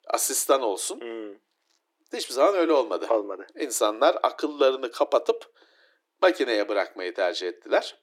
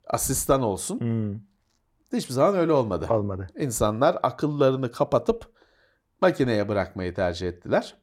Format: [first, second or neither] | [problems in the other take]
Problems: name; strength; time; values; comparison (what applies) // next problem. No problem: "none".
second | thin; very; fading below 300 Hz